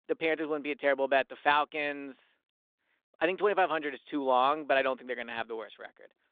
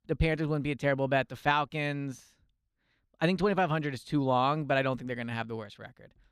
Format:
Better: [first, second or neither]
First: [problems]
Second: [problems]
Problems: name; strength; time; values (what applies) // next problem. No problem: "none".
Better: second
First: phone-call audio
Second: none